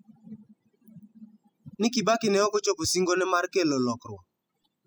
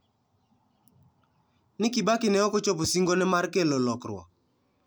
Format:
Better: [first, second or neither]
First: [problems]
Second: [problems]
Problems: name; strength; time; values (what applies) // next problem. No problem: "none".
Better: second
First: noise reduction (classical method spectral subtraction)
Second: none